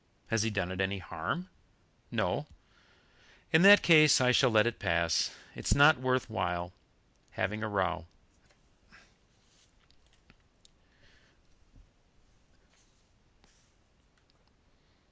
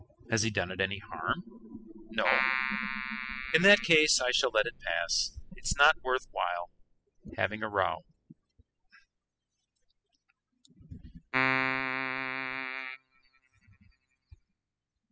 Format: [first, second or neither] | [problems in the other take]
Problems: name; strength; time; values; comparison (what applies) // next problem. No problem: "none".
first | noise reduction (classical method spectral subtraction)